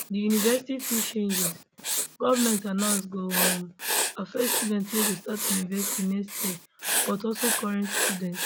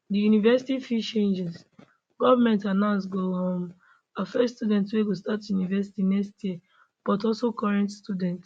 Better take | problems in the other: second | background sound (Writing); 1 dB below the speech

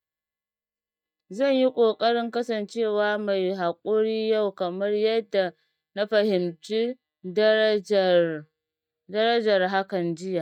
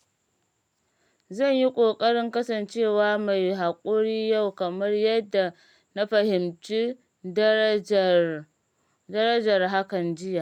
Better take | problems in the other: second | noise reduction (neural mask model DeepFilterNet 3)

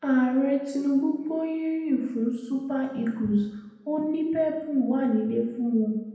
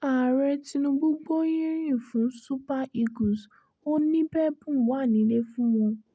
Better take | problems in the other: second | room echo; dies away in 0.9 s

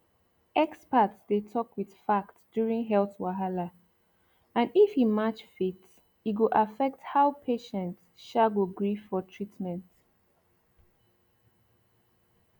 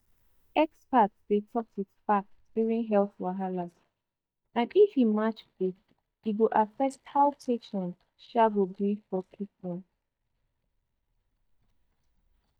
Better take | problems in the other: first | noise reduction (neural mask model DeepFilterNet 3)

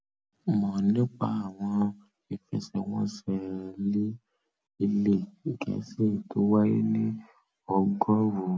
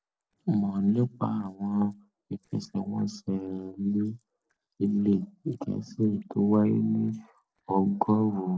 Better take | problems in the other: first | noise reduction (neural separator model SepFormer DNS4)

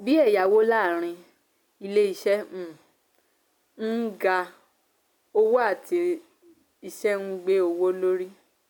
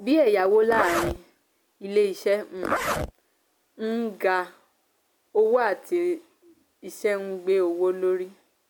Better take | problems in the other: first | background sound (Zipper (clothing)); 6 dB below the speech

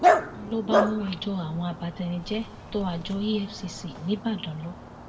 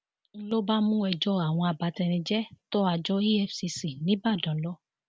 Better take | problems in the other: second | background sound (Dog); 1 dB above the speech // room echo; dies away in 1 s

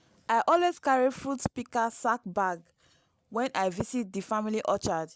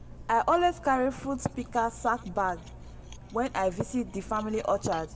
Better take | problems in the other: first | background sound (Cutlery, silverware); 15 dB below the speech // room echo; dies away in 1.1 s

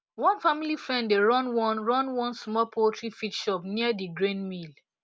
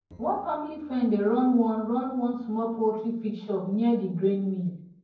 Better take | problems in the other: first | noise reduction (neural separator model SepFormer DNS4)

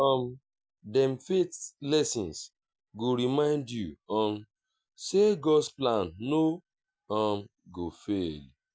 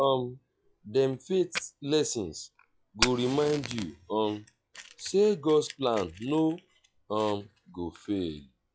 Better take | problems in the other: first | noise reduction (classical method log-MMSE)

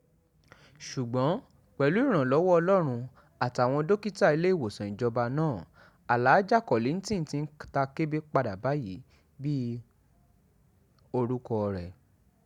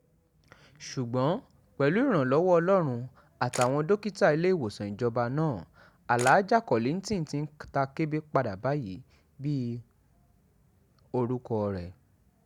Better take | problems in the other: first | background sound (Camera); 16 dB below the speech

